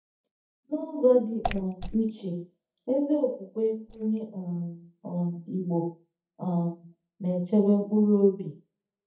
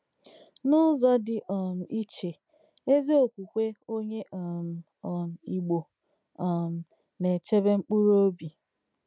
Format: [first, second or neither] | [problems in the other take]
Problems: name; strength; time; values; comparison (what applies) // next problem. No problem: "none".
second | noise reduction (neural mask model DeepFilterNet 3)